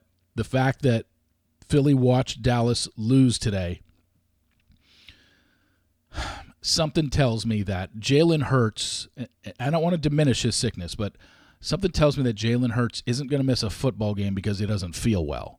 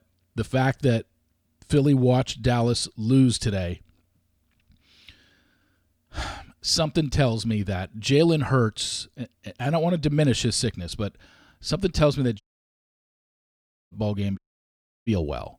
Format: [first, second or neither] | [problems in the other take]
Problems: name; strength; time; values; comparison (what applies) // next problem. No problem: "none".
first | audio cutting out; at 12 s for 1.5 s and at 14 s for 0.5 s